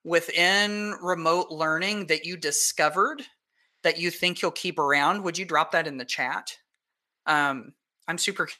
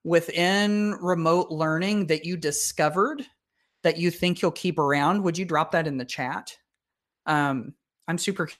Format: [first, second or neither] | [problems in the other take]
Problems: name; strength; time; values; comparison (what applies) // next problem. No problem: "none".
second | thin; somewhat; fading below 650 Hz